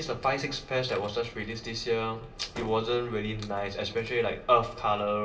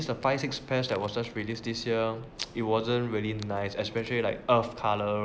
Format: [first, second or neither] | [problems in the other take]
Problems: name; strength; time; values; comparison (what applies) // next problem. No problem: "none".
second | background sound (Gunshot, gunfire); 16 dB below the speech // room echo; dies away in 0.2 s